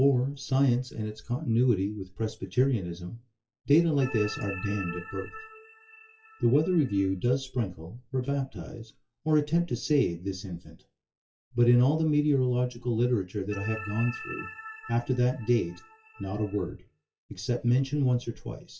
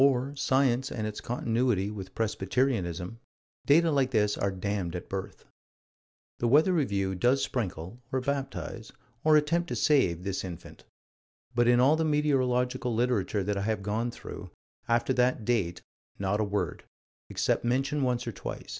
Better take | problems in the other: second | noise reduction (classical method WPE with log-MMSE)

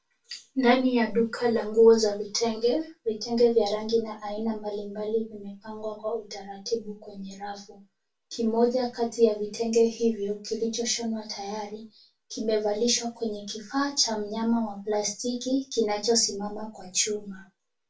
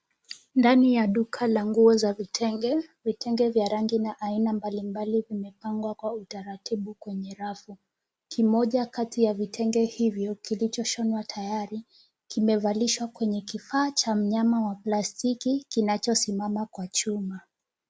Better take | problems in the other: second | room echo; dies away in 0.2 s

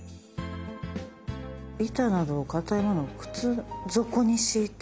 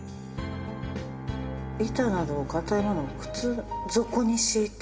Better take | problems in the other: first | background sound (Bowed string instrument); 10 dB below the speech // room echo; dies away in 1.3 s

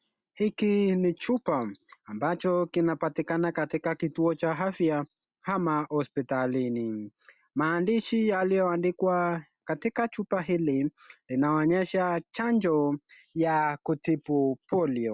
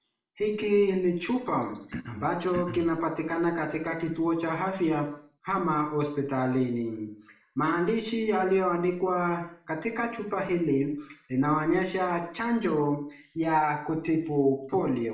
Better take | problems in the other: first | background sound (Cough); 11 dB below the speech // room echo; dies away in 0.5 s

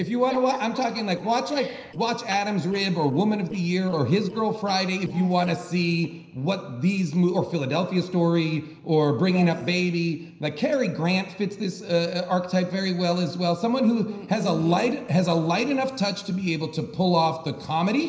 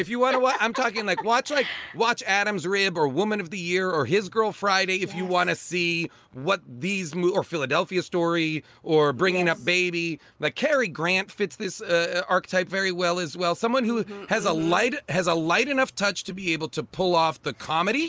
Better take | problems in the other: second | noise reduction (neural separator model SepFormer DNS4)

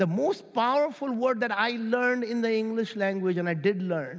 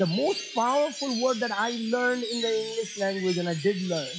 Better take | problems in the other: first | noise reduction (classical method log-MMSE)

